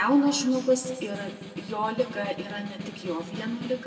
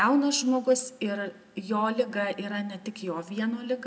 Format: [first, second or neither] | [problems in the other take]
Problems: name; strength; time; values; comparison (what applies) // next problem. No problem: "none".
second | background sound (Snare drum); 14 dB below the speech // room echo; dies away in 1.2 s